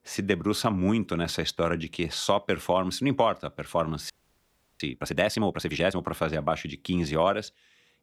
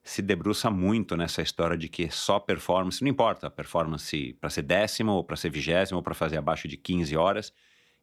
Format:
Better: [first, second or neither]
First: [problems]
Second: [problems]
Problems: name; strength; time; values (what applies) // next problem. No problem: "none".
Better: second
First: audio freezing; at 4 s for 0.5 s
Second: none